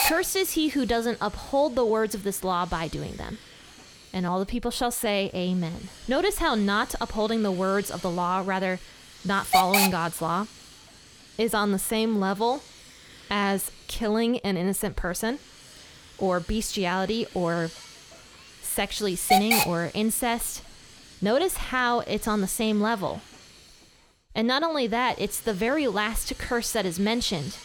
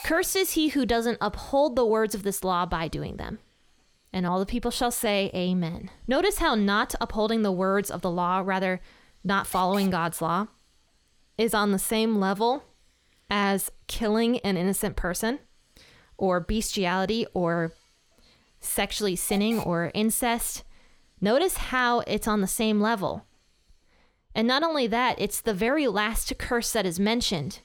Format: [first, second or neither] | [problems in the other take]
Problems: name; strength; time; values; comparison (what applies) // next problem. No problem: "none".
second | hiss; loud; throughout; 2 dB below the speech; faint in the second